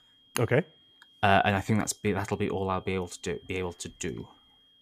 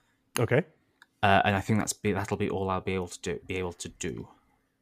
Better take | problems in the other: second | high-pitched whine; faint; throughout; 3 kHz, 30 dB below the speech

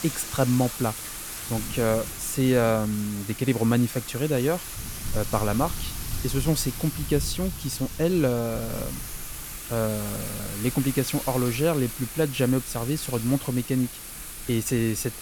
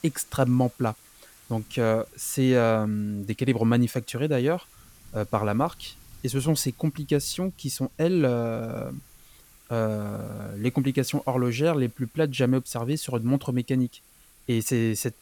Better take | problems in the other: second | rain or running water; loud; throughout; 8 dB below the speech; faint in the second

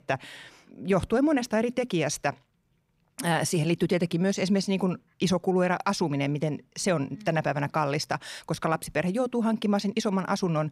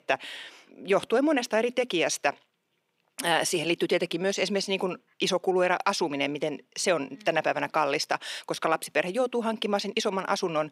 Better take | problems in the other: first | thin; somewhat; fading below 400 Hz

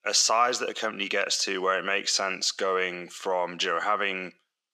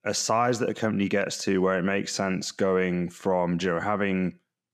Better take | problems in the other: second | thin; very; fading below 500 Hz

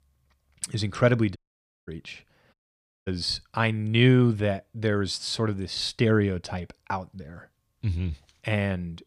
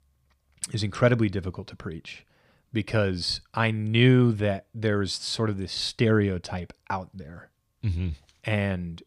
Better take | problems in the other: second | audio cutting out; at 1.5 s for 0.5 s and at 2.5 s for 0.5 s

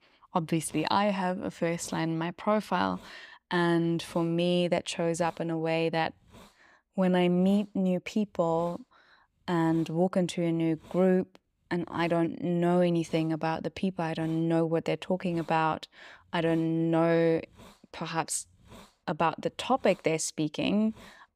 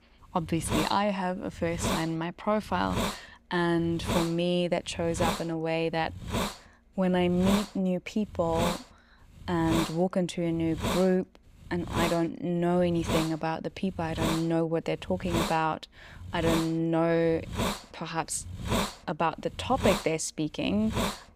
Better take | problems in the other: first | hiss; loud; throughout; 4 dB below the speech; faint in the first

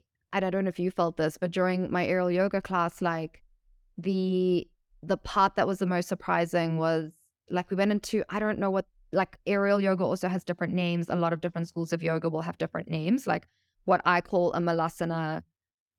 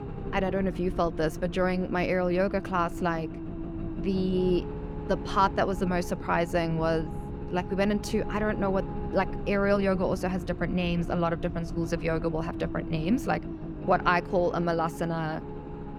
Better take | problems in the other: first | low rumble; noticeable; throughout; 15 dB below the speech

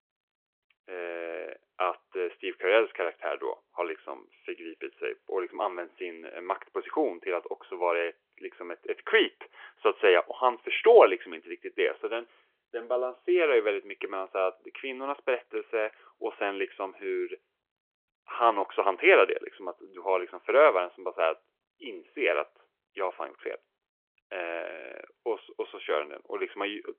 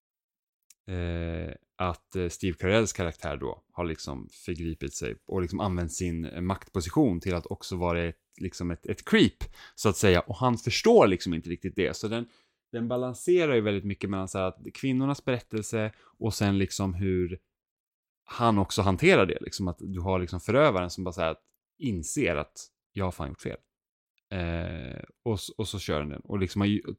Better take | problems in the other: second | phone-call audio

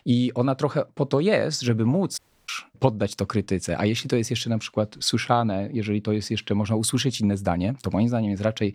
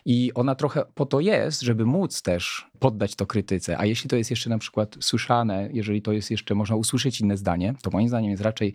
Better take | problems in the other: second | audio cutting out; at 2 s

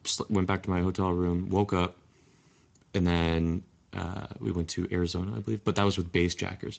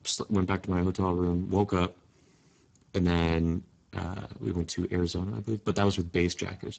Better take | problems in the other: first | garbled, watery; badly; nothing above 8 kHz; slightly in the first

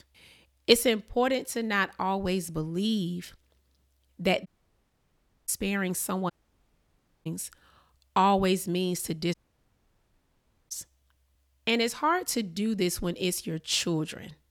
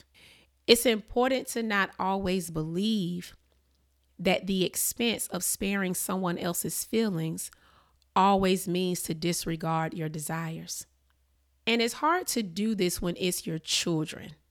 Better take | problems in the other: second | audio cutting out; at 4.5 s for 1 s, at 6.5 s for 1 s and at 9.5 s for 1.5 s

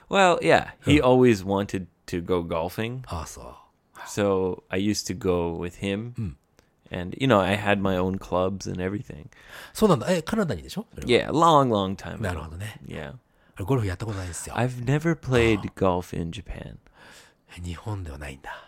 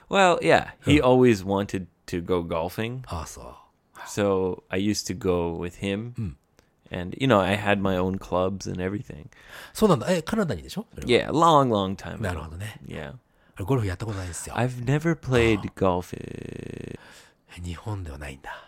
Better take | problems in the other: first | audio freezing; at 16 s for 1 s

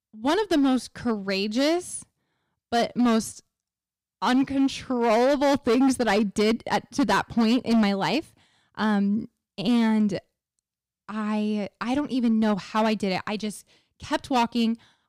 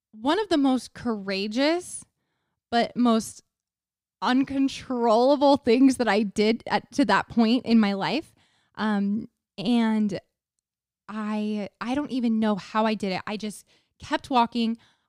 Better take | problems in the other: second | distortion; slight; 8% of the sound clipped

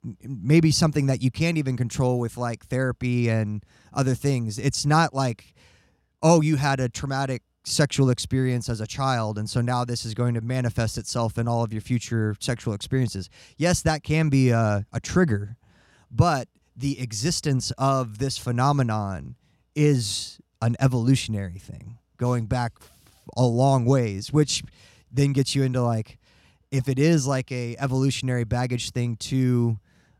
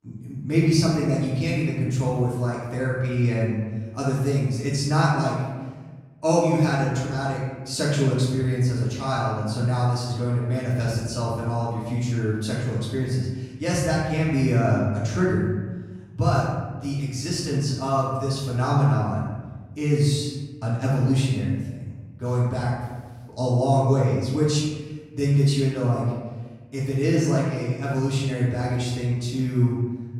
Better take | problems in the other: first | room echo; noticeable; dies away in 1.2 s // off-mic speech; far

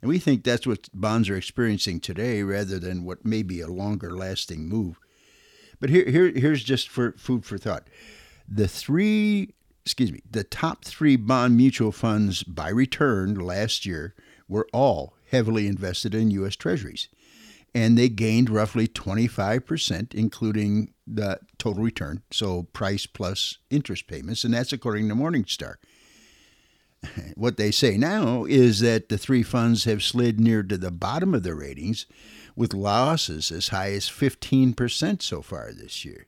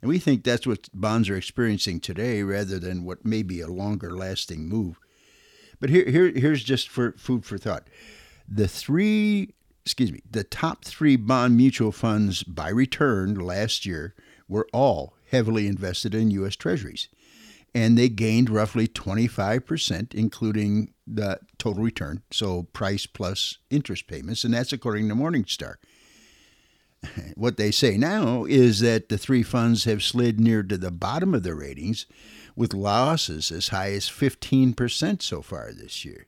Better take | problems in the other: neither | none

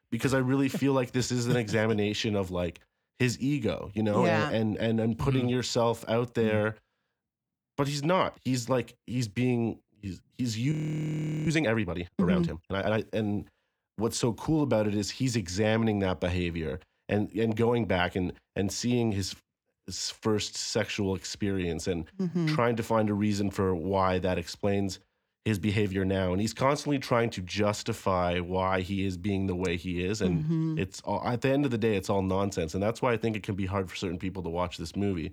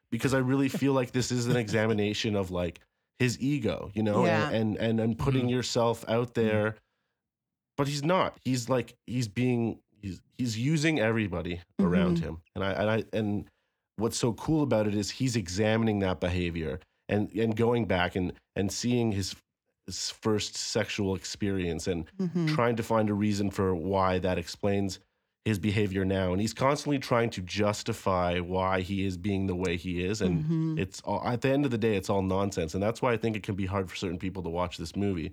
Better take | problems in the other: second | audio freezing; at 11 s for 1 s

